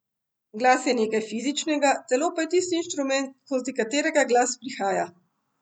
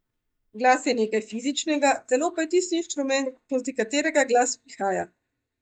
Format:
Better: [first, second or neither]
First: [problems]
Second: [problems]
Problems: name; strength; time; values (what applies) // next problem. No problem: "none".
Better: first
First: none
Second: noise reduction (neural mask model DeepFilterNet 3)